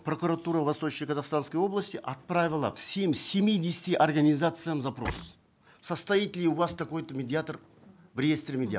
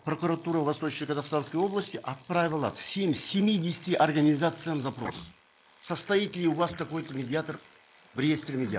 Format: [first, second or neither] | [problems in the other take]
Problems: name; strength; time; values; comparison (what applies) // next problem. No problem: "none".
first | noise reduction (neural mask model Resemble Enhance denoiser)